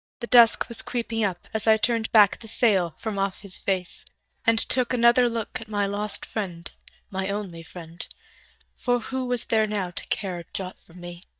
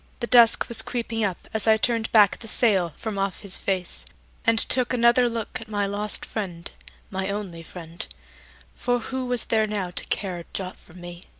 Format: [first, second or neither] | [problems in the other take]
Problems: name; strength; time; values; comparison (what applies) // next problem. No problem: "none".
second | noise reduction (neural mask model DeepFilterNet 3)